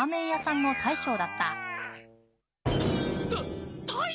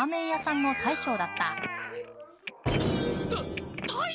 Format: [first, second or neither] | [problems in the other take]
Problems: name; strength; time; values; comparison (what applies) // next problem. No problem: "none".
first | background sound (Telephone); 11 dB below the speech